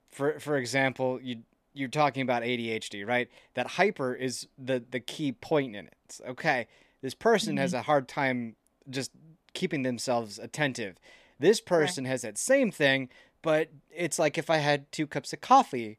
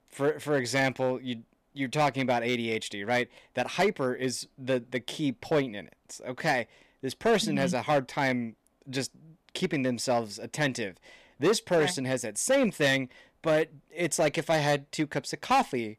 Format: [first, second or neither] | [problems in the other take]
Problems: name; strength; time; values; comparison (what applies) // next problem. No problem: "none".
first | distortion; slight; 4% of the sound clipped